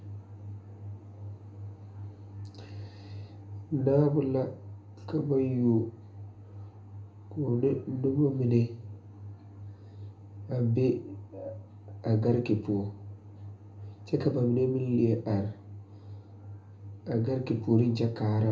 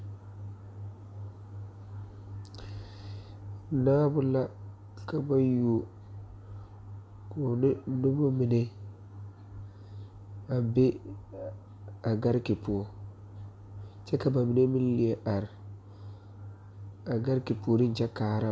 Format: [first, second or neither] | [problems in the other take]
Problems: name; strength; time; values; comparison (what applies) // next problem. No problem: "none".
second | room echo; dies away in 0.3 s